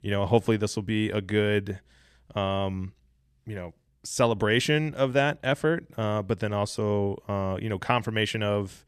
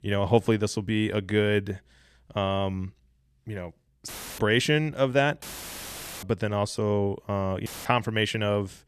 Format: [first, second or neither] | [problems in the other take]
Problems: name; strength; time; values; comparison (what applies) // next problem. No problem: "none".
first | audio cutting out; filled with static; at 4 s, at 5.5 s for 1 s and at 7.5 s